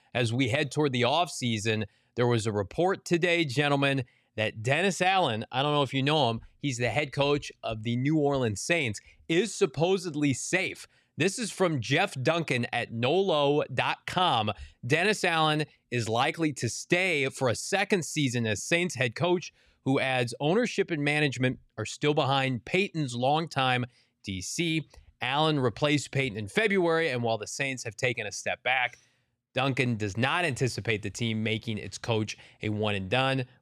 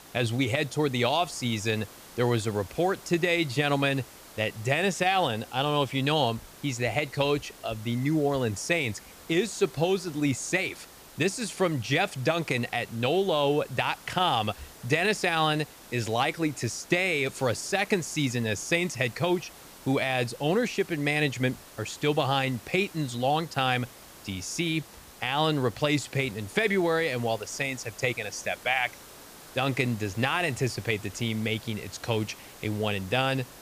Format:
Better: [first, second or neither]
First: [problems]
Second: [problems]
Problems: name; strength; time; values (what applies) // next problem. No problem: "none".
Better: first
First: none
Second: hiss; noticeable; throughout; 20 dB below the speech